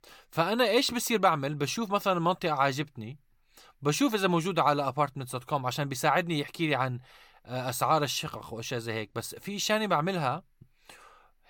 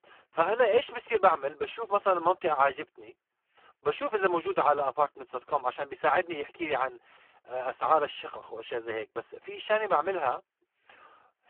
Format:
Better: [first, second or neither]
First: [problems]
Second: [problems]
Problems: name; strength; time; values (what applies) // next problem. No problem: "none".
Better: first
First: none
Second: phone-call audio; poor line